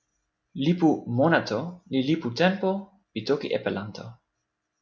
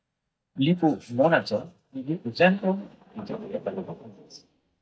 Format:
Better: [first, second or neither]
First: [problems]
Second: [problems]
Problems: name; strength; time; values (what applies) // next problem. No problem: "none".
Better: first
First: none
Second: noise reduction (neural mask model DeepFilterNet 3)